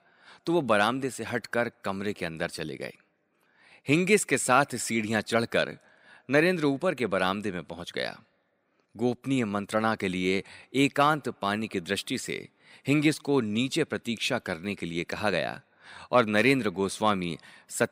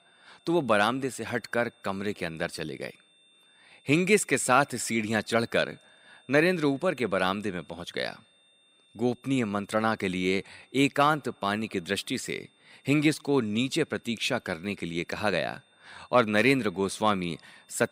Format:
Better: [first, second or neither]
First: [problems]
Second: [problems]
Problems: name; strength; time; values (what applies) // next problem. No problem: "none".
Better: first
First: none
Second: high-pitched whine; faint; throughout; 3.5 kHz, 35 dB below the speech